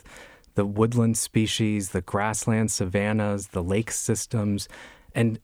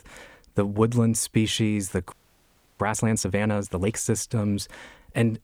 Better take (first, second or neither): first